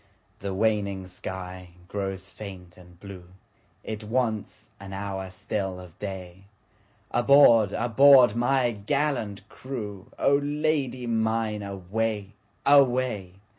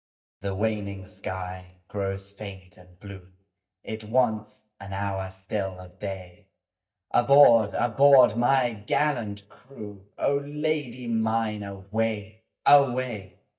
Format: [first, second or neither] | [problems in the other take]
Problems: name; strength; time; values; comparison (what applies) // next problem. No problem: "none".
first | noise reduction (neural mask model DeepFilterNet 3)